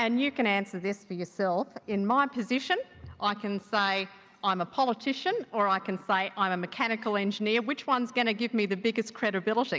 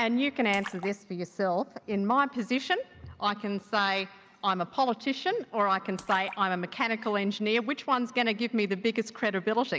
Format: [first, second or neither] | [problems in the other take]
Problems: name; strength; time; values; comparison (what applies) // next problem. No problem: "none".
first | background sound (Splash, splatter); 19 dB below the speech